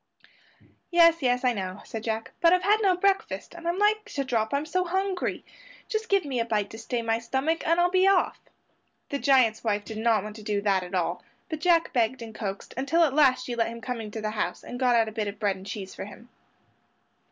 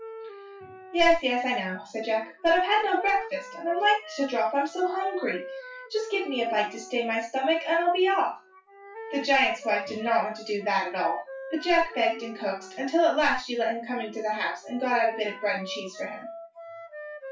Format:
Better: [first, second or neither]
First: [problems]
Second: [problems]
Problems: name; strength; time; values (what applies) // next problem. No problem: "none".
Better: first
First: none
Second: noise reduction (classical method WPE with log-MMSE)